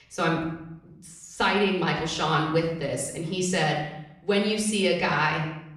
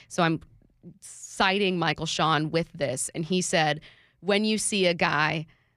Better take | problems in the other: second | off-mic speech; far // room echo; noticeable; dies away in 0.7 s

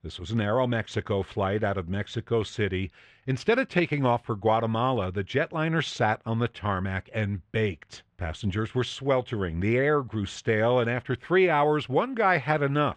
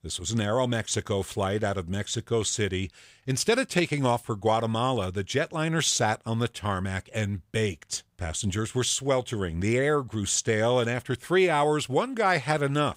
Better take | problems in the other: second | muffled; very; fading above 2.5 kHz

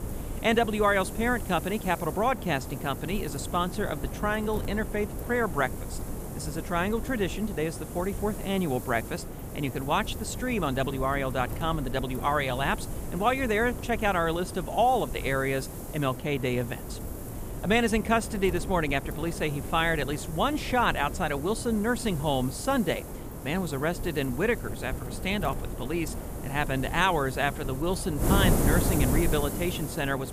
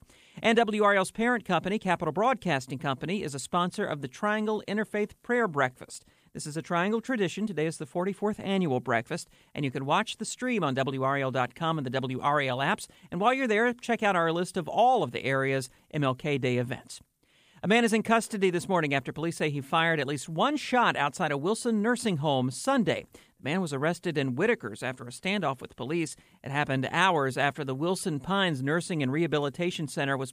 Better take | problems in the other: second | wind noise on the microphone; occasional gusts; 10 dB below the speech

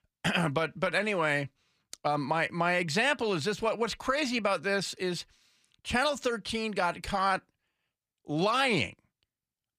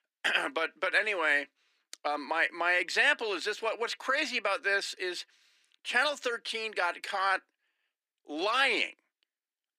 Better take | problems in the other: first | thin; somewhat; fading below 300 Hz

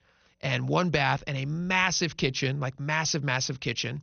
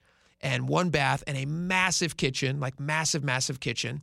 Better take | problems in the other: second | garbled, watery; slightly; nothing above 6.5 kHz

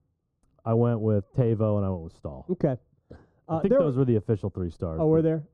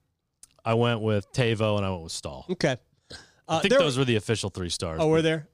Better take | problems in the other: second | muffled; very; fading above 1.5 kHz

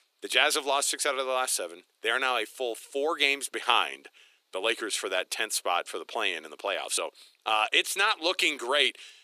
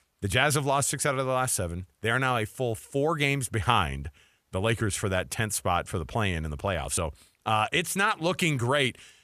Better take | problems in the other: second | thin; very; fading below 300 Hz

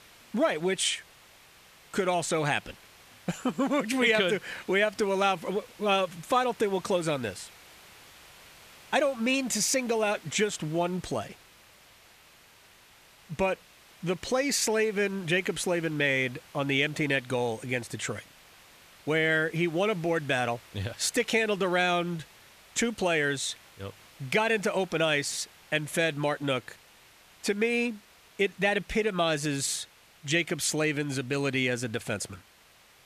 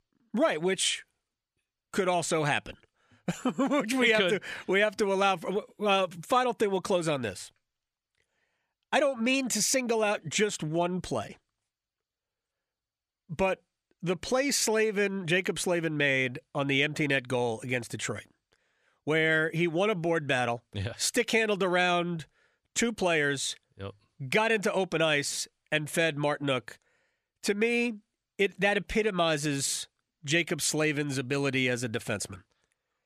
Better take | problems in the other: second | hiss; faint; throughout; 25 dB below the speech

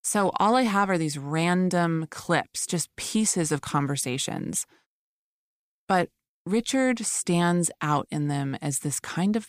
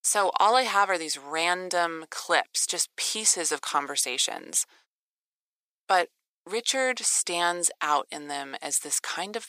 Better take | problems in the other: first | thin; very; fading below 500 Hz

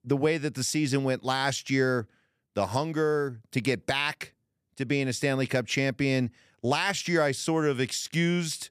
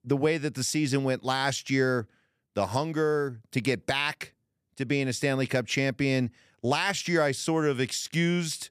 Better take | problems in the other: neither | none

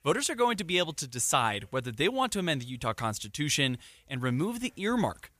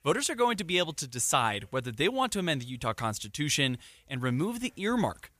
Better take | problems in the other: neither | none

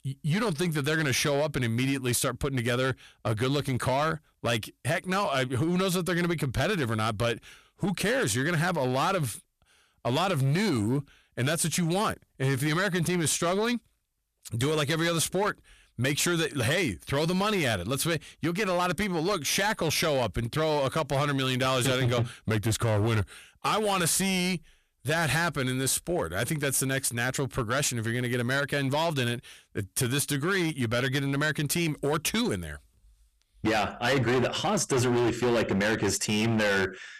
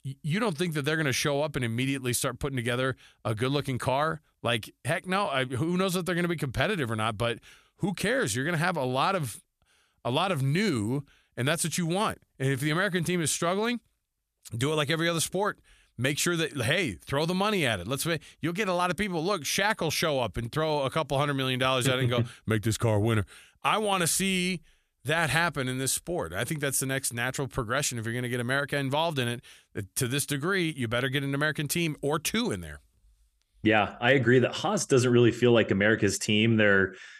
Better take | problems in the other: second | distortion; heavy; 13% of the sound clipped

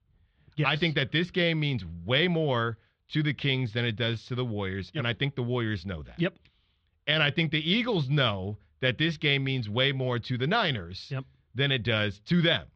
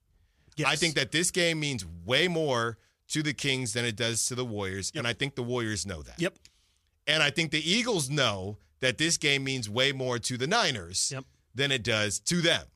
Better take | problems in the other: second | muffled; very; fading above 3.5 kHz

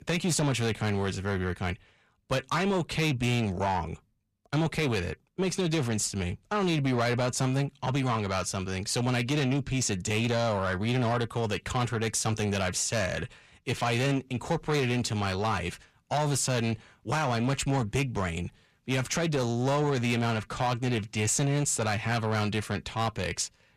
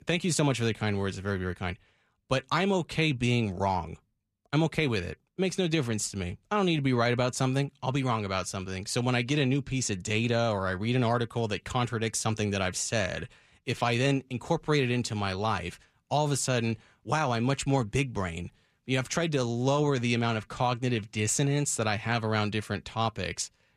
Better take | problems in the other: second | distortion; slight; 10 dB below the speech

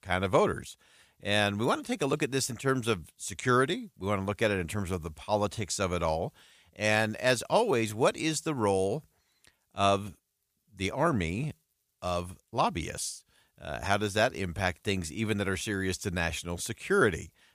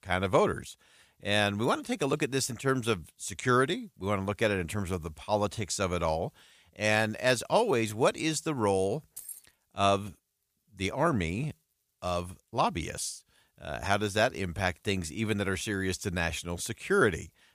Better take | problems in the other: first | jangling keys; faint; at 9 s; peak 15 dB below the speech

